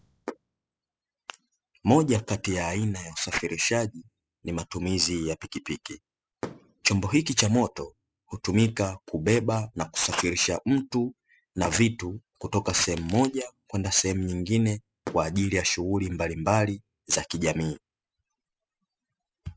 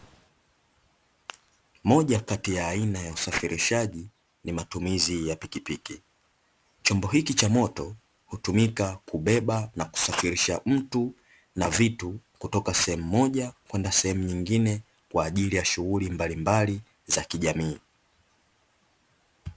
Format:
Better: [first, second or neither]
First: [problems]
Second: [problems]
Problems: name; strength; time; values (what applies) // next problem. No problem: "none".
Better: second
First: noise reduction (classical method spectral subtraction)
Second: none